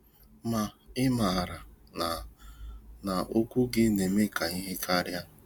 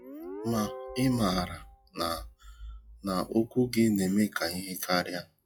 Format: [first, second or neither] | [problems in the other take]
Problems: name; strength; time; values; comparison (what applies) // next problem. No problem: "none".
first | noise reduction (classical method log-MMSE)